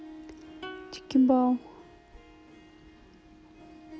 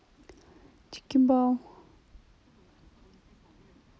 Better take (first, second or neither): second